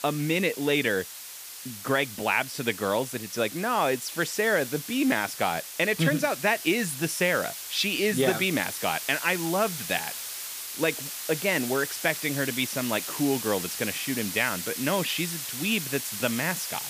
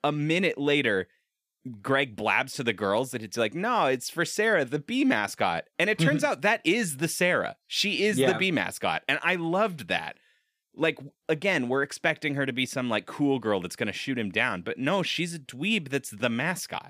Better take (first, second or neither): second